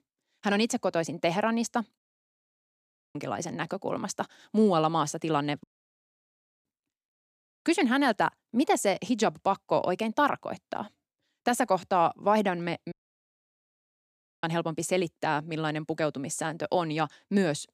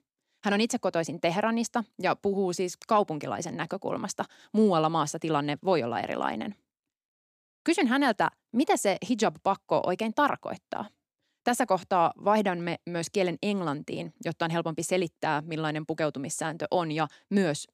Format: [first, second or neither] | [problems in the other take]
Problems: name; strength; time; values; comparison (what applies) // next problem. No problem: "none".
second | audio cutting out; at 2 s for 1 s, at 5.5 s for 1 s and at 13 s for 1.5 s